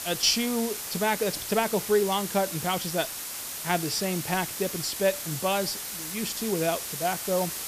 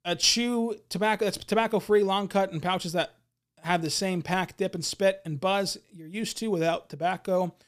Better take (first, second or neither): second